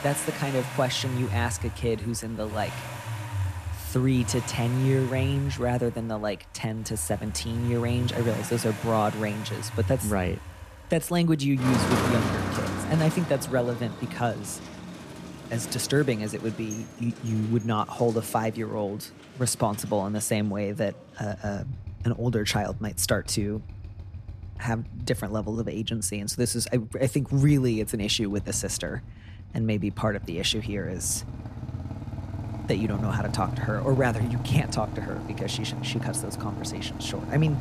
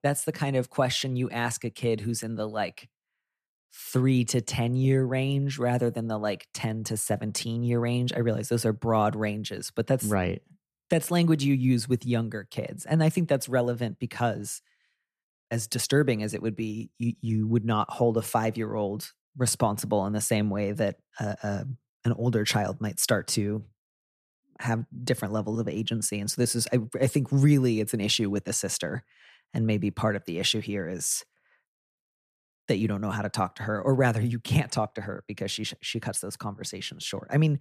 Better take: second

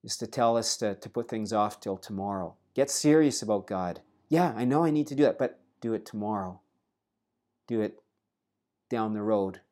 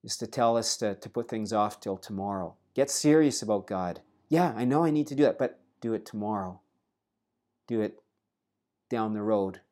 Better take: neither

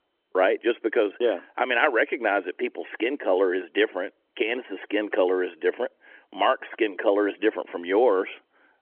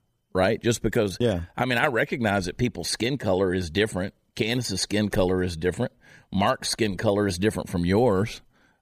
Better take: second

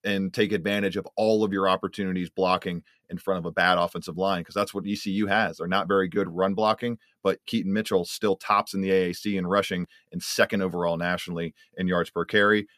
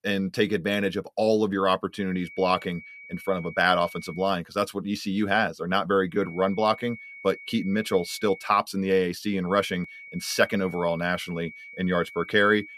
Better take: first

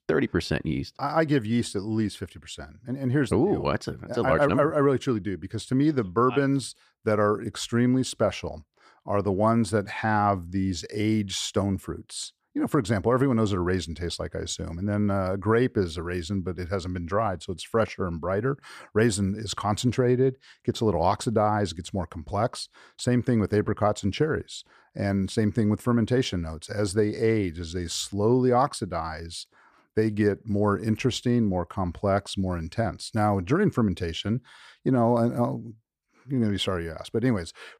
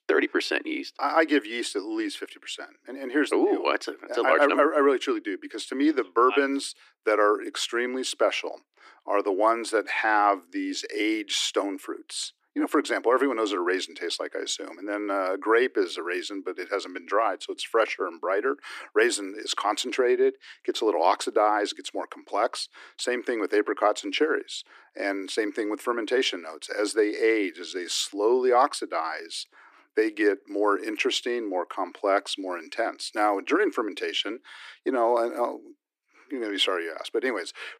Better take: first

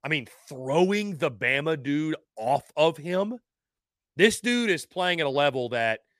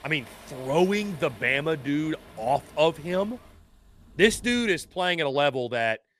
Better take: first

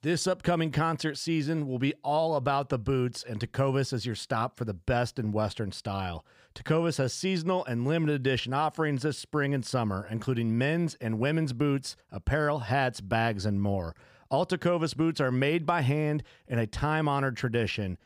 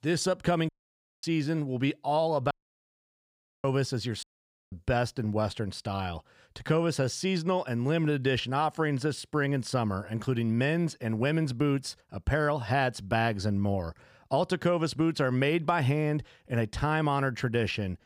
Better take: first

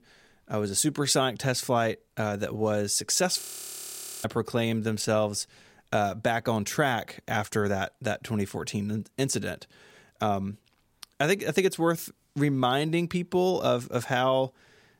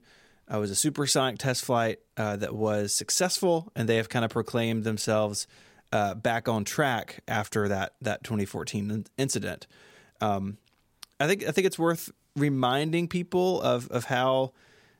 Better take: second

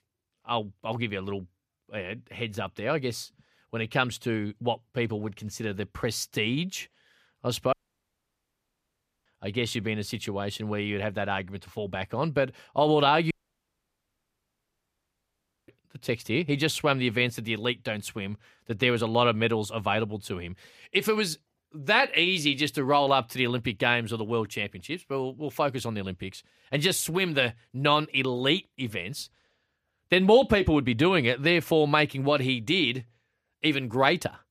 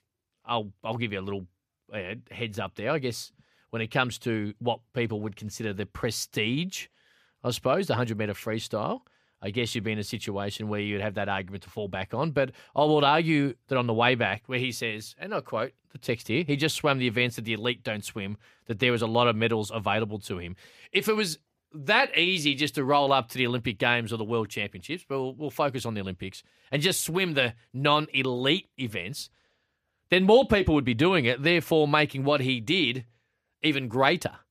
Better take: second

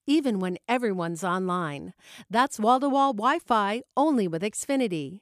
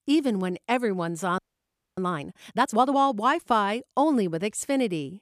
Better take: first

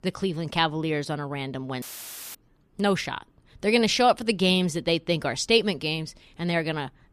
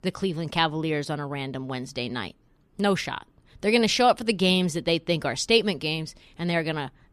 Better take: second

